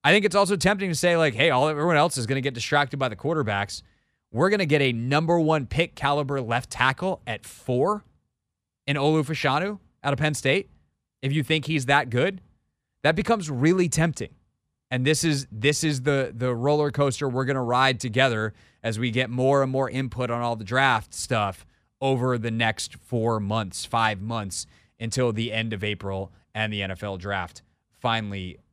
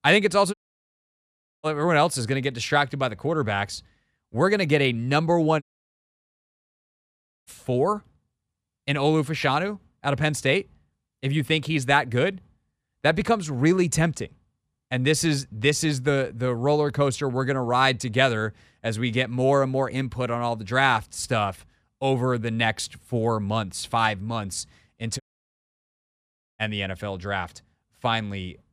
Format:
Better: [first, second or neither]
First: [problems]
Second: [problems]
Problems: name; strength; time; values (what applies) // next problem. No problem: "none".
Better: first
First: none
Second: audio cutting out; at 0.5 s for 1 s, at 5.5 s for 2 s and at 25 s for 1.5 s